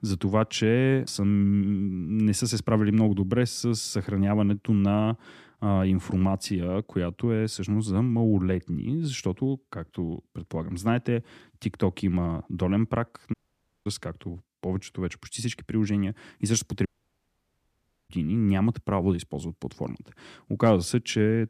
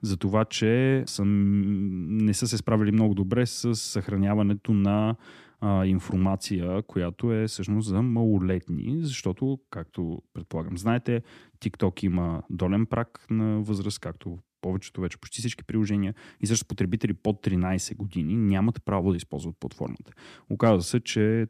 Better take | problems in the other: second | audio cutting out; at 13 s for 0.5 s and at 17 s for 1 s

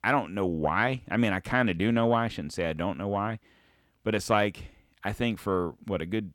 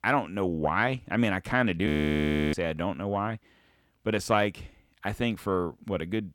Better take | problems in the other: first | audio freezing; at 2 s for 0.5 s

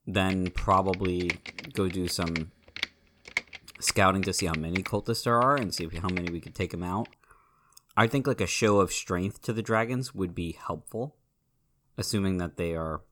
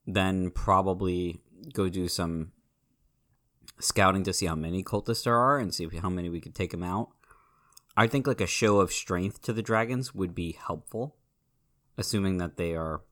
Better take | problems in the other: second | keyboard typing; noticeable; until 6.5 s; peak 5 dB below the speech

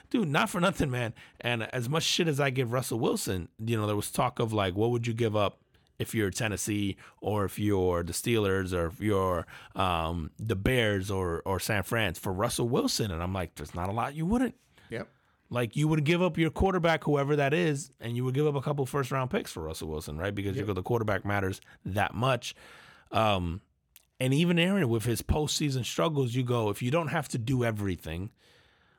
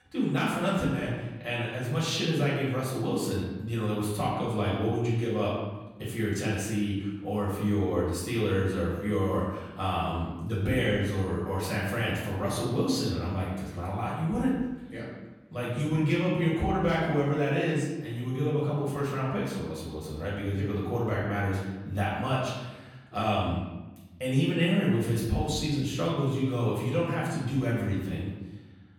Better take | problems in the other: first | room echo; noticeable; dies away in 1.1 s // off-mic speech; far

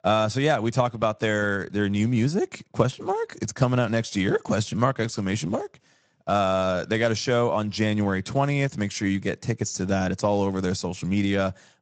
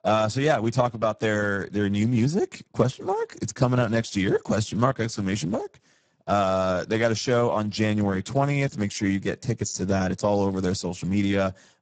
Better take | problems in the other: first | garbled, watery; badly; nothing above 7.5 kHz; slightly in the first

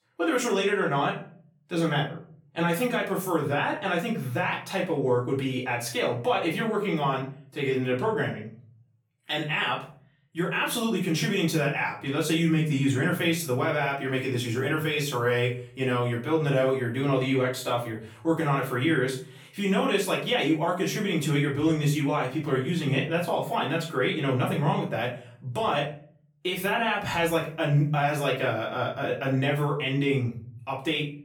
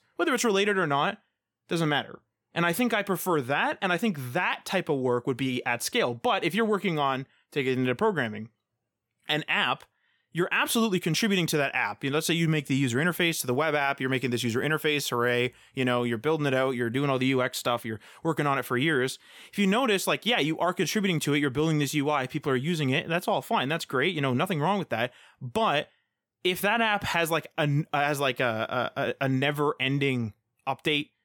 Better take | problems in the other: second | room echo; slight; dies away in 0.5 s // off-mic speech; far

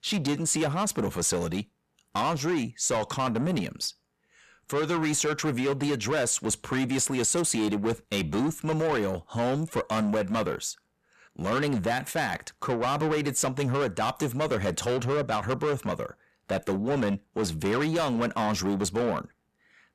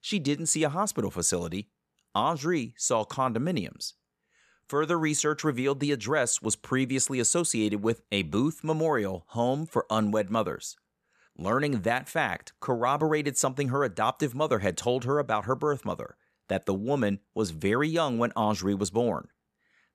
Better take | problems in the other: second | distortion; heavy; 8 dB below the speech

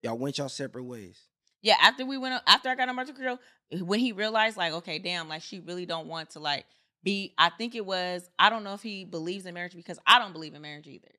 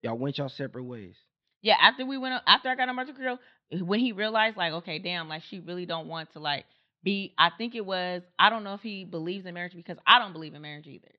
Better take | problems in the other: first | muffled; very slightly; fading above 4 kHz

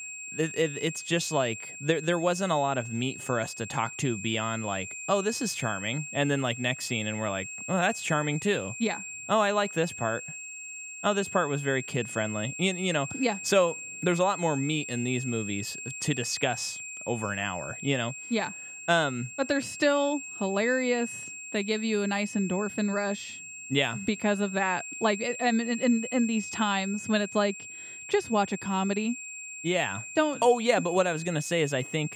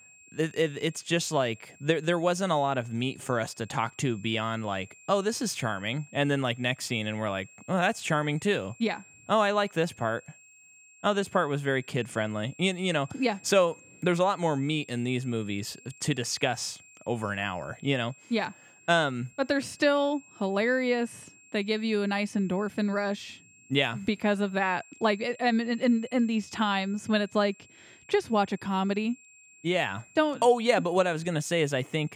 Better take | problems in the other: second | high-pitched whine; loud; throughout; 2.5 kHz, 9 dB below the speech; faint in the second

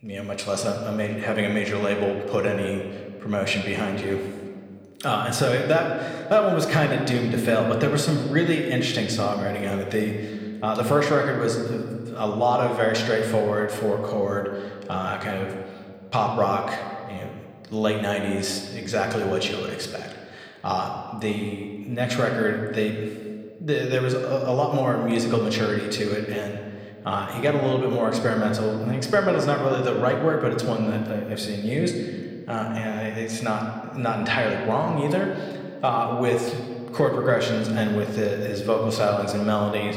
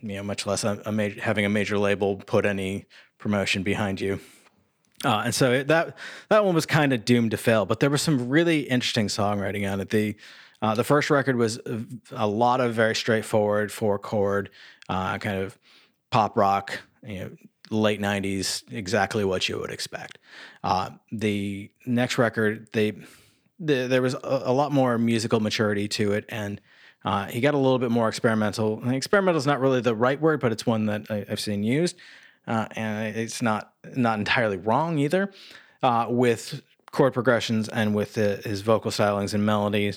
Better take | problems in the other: second | room echo; slight; dies away in 1.6 s

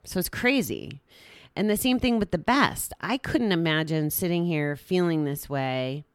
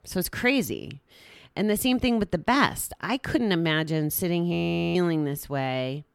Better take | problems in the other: first | audio freezing; at 4.5 s

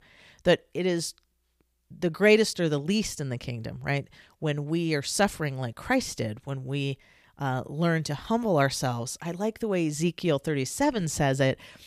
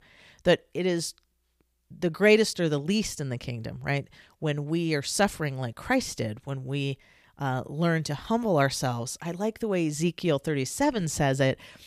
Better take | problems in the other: neither | none

